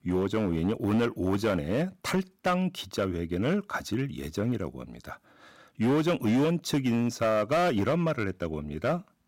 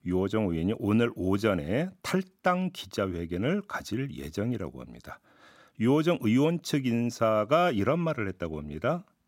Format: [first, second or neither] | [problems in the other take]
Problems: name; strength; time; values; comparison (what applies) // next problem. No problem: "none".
second | distortion; slight; 8% of the sound clipped